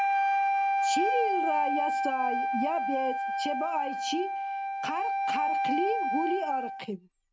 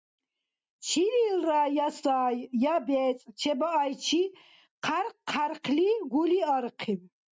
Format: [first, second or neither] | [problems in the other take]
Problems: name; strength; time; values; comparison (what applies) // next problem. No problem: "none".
second | background sound (Wind instrument, woodwind instrument); 5 dB above the speech